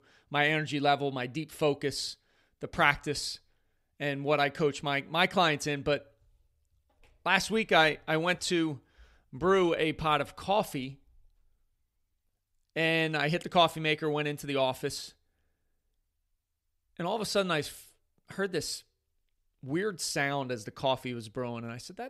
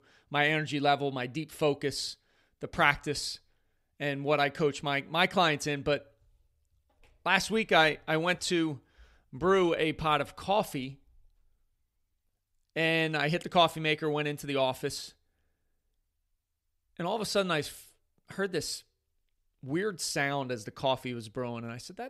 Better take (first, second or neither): neither